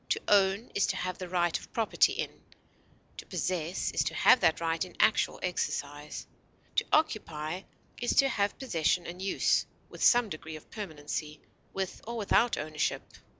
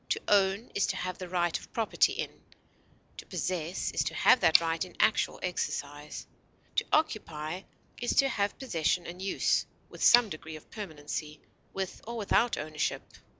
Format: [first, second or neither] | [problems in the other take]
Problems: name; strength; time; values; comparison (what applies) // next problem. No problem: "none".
first | background sound (Tick); 11 dB below the speech